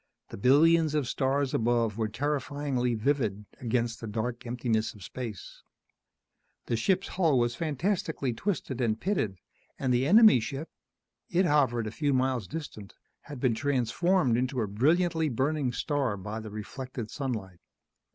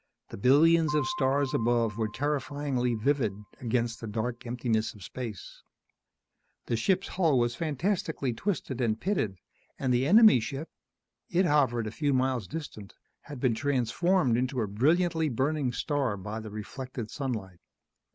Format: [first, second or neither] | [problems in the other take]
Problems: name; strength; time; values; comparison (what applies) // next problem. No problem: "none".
first | background sound (Piano); 15 dB below the speech